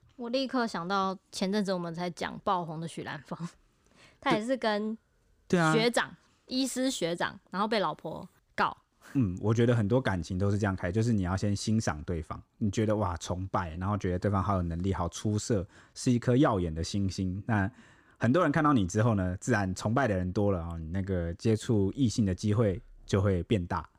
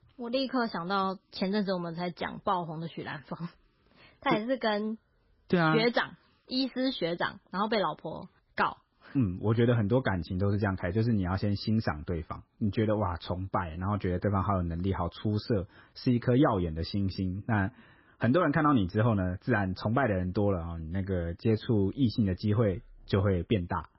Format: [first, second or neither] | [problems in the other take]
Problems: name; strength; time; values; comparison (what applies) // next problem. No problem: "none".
first | garbled, watery; badly; nothing above 5.5 kHz